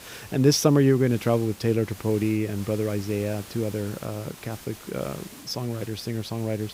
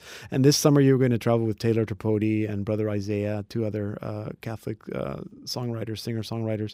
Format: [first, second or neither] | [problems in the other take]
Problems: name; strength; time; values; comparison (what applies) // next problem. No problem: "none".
second | hiss; noticeable; throughout; 20 dB below the speech